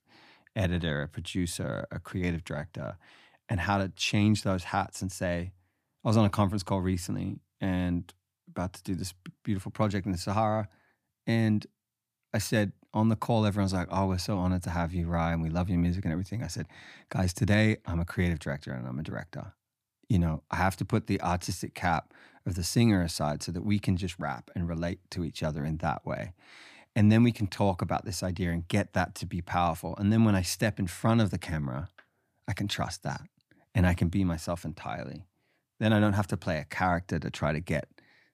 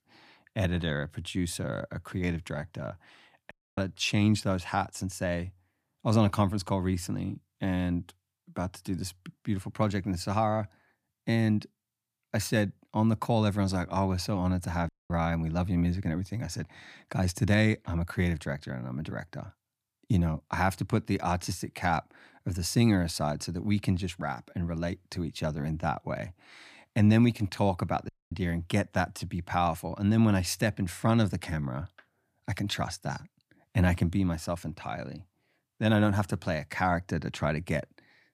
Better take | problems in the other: first | audio cutting out; at 3.5 s, at 15 s and at 28 s

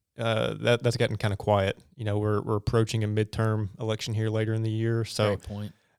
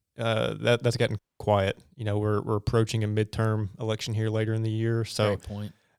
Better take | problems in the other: first | audio cutting out; at 1 s

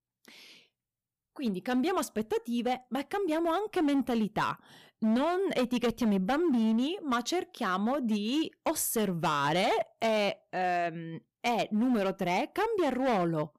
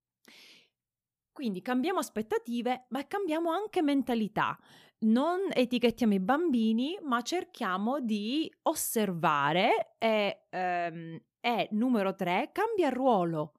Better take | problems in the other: second | distortion; slight; 10% of the sound clipped

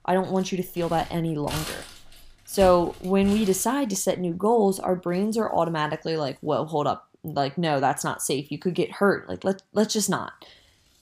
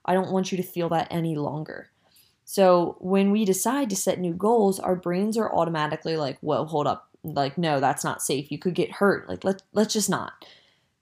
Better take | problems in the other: second | household noises; noticeable; throughout; 15 dB below the speech

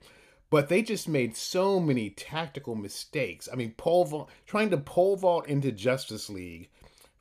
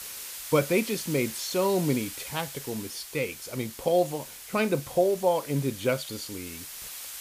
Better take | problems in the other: first | hiss; noticeable; throughout; 10 dB below the speech

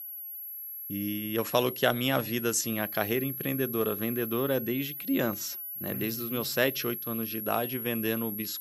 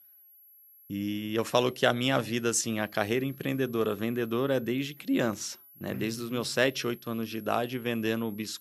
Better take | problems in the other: second | high-pitched whine; loud; throughout; 11.5 kHz, 5 dB below the speech; faint in the second

